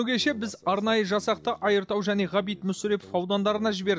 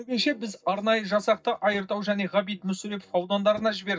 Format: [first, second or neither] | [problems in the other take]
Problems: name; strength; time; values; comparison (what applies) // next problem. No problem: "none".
first | noise reduction (neural mask model DeepFilterNet 3)